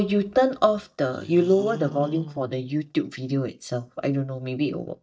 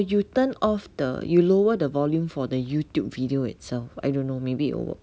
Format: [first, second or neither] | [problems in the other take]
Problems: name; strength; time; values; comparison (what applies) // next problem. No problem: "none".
second | noise reduction (neural mask model DeepFilterNet 3)